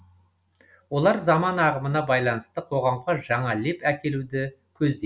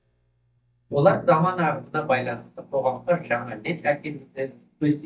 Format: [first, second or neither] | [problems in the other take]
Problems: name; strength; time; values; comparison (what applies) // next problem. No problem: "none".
first | noise reduction (neural mask model DeepFilterNet 3)